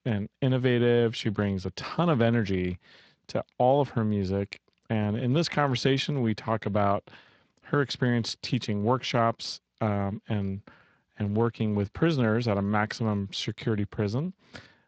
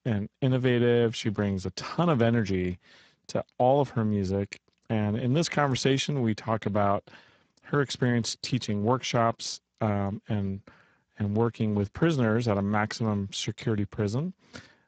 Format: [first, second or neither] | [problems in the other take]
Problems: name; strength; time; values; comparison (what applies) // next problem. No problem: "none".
first | garbled, watery; badly; nothing above 7.5 kHz; slightly in the first